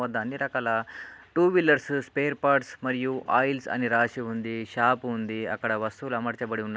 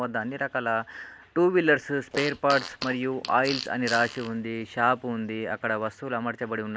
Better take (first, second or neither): first